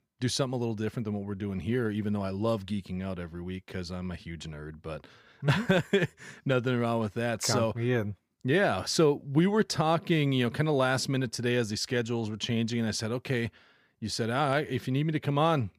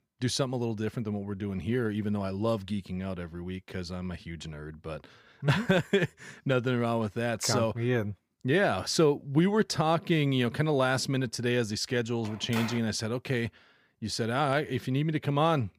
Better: first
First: none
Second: phone ringing; noticeable; at 12 s; peak 8 dB below the speech

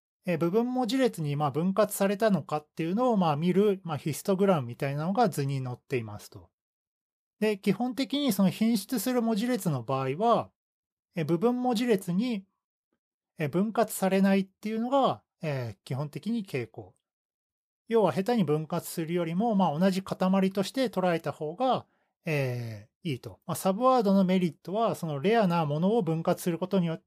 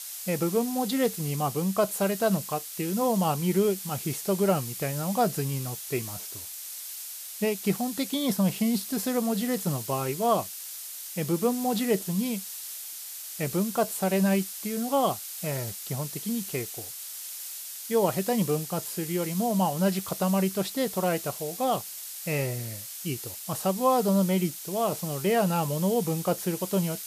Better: first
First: none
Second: hiss; loud; throughout; 8 dB below the speech

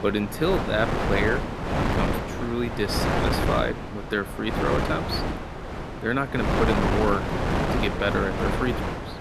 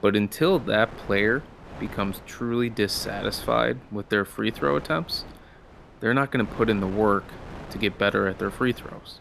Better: second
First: wind noise on the microphone; heavy; 1 dB below the speech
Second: wind noise on the microphone; occasional gusts; 20 dB below the speech

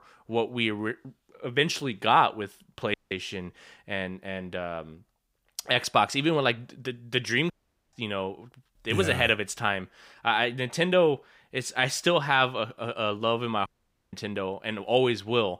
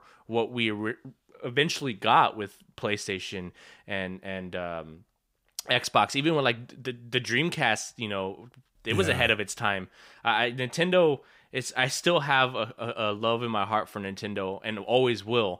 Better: second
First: audio cutting out; at 3 s, at 7.5 s and at 14 s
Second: none

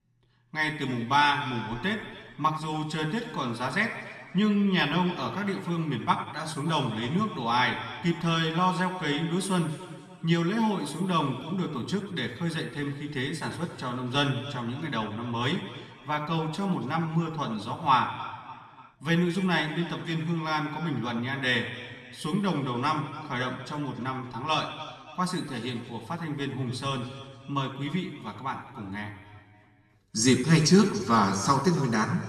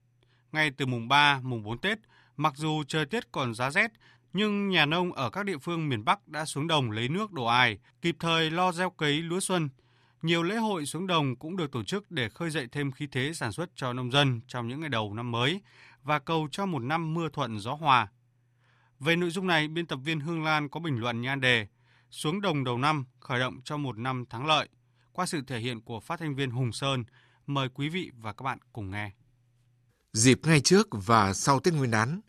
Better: second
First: room echo; noticeable; dies away in 1.8 s // off-mic speech; somewhat distant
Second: none

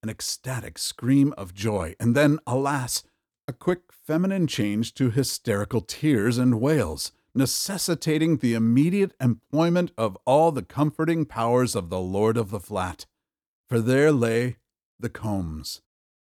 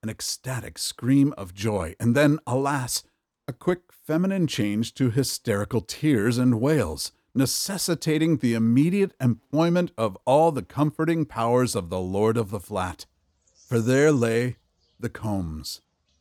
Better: first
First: none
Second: animal sounds; noticeable; throughout; 20 dB below the speech

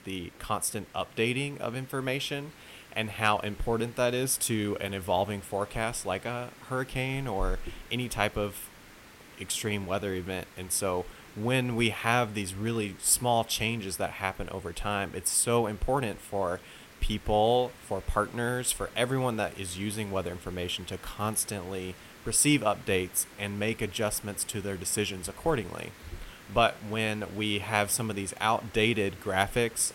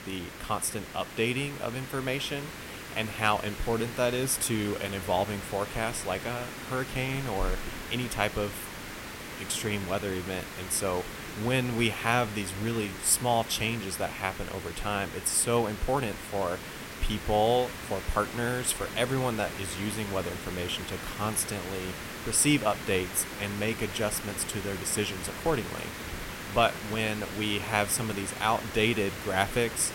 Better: first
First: hiss; faint; throughout; 20 dB below the speech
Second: hiss; loud; throughout; 9 dB below the speech

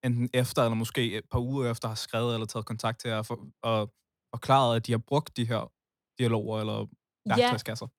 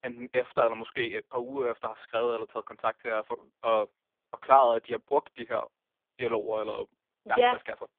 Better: first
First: none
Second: phone-call audio; poor line; nothing above 3.5 kHz

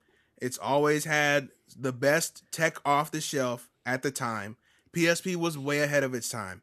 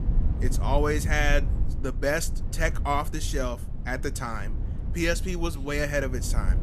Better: first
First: none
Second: low rumble; noticeable; throughout; 15 dB below the speech

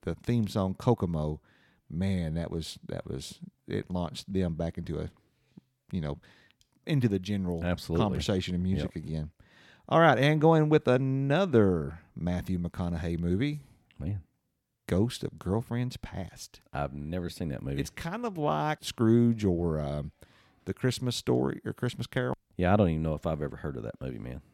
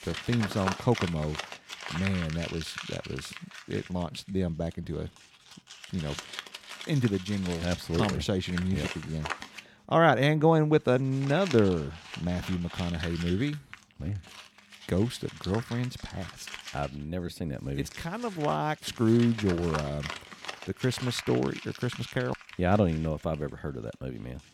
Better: first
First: none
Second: household noises; noticeable; throughout; 10 dB below the speech

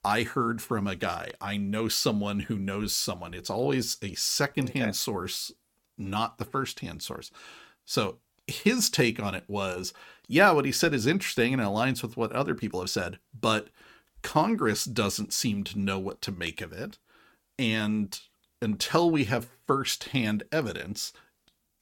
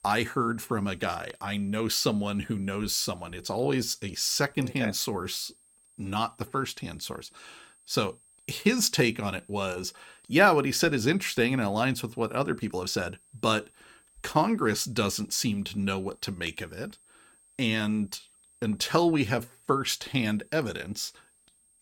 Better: first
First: none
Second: high-pitched whine; faint; throughout; 8.5 kHz, 30 dB below the speech

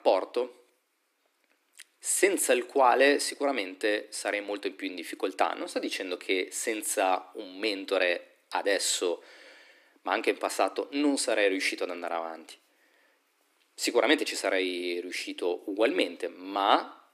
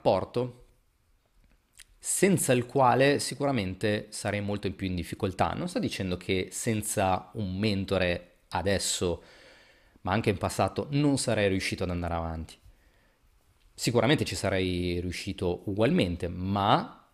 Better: second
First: thin; somewhat; fading below 300 Hz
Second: none

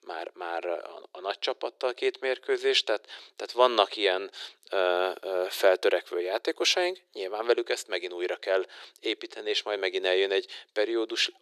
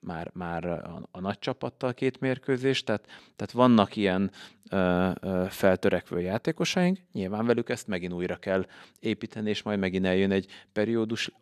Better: second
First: thin; very; fading below 350 Hz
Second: none

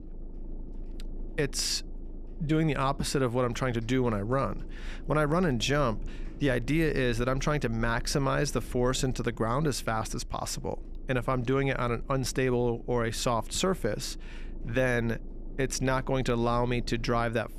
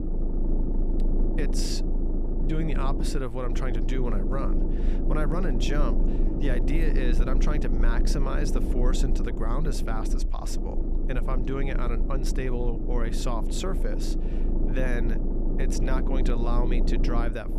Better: first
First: low rumble; faint; throughout; 25 dB below the speech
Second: low rumble; loud; throughout; 3 dB below the speech

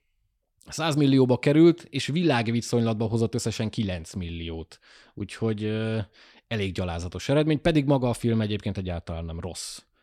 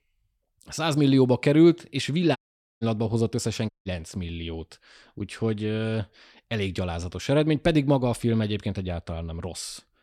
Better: first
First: none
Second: audio cutting out; at 2.5 s and at 3.5 s

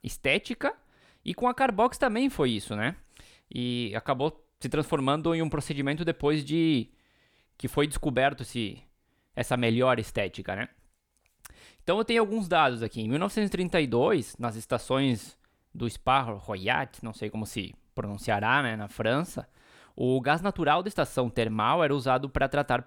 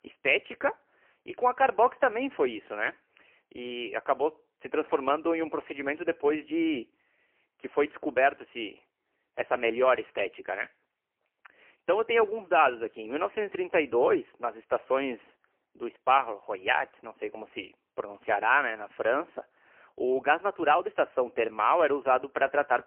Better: first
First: none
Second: phone-call audio; poor line; nothing above 3 kHz

